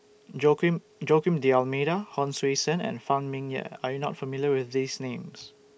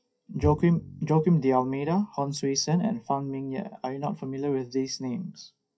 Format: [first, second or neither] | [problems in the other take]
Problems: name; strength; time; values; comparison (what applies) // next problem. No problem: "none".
first | noise reduction (classical method WPE with log-MMSE)